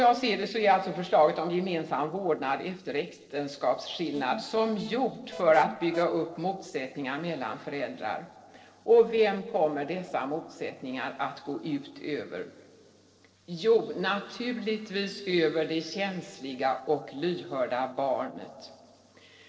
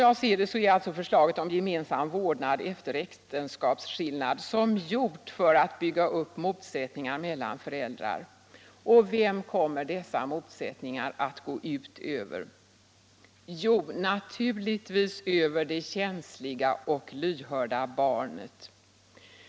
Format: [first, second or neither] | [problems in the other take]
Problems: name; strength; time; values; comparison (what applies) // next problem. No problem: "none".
second | noise reduction (neural separator model SepFormer DNS4)